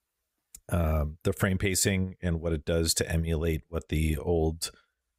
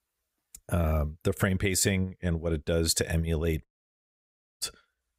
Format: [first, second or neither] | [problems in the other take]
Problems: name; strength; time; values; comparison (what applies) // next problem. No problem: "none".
first | audio cutting out; at 3.5 s for 1 s